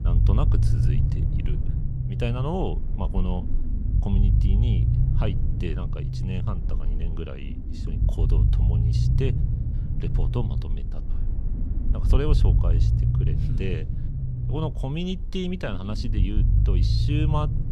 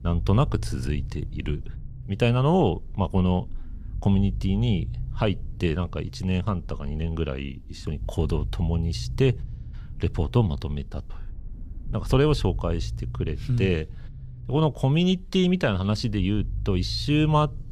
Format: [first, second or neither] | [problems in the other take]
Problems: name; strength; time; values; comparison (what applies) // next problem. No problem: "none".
second | low rumble; loud; throughout; 4 dB below the speech; faint in the second